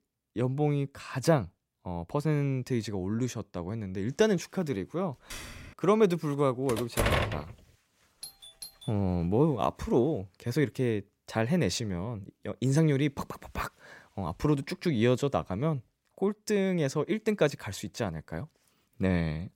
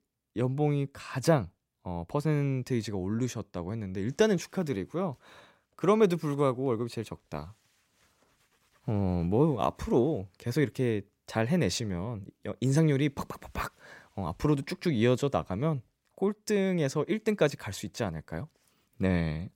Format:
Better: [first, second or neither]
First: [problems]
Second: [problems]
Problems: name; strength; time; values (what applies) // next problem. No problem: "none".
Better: second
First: keyboard typing; faint; at 5.5 s; peak 10 dB below the speech // door banging; loud; at 6.5 s; peak 2 dB above the speech // doorbell; faint; at 8 s; peak 15 dB below the speech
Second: none